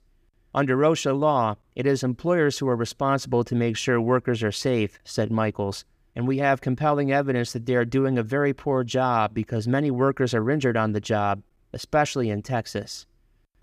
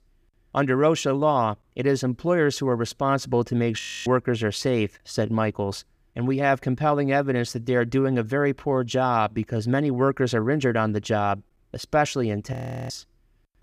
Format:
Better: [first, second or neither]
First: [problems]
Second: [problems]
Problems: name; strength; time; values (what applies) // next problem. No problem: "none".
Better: first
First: none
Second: audio freezing; at 4 s and at 13 s